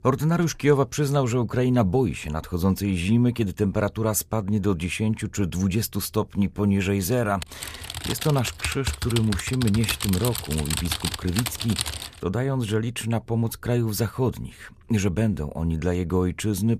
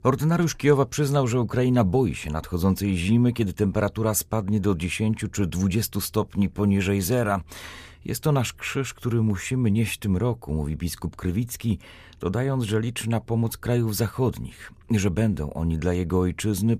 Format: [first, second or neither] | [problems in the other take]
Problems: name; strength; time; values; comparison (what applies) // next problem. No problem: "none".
second | keyboard typing; noticeable; from 7.5 to 12 s; peak 2 dB below the speech